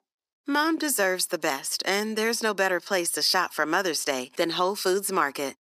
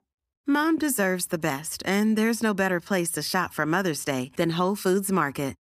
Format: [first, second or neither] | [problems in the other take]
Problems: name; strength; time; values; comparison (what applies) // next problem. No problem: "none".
second | thin; somewhat; fading below 450 Hz